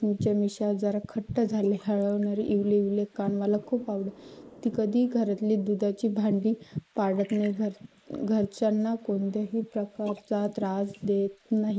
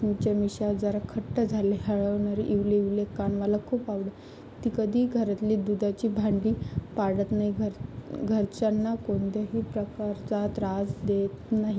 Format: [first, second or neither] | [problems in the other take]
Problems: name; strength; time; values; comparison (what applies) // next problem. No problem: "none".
second | noise reduction (neural mask model Resemble Enhance denoiser)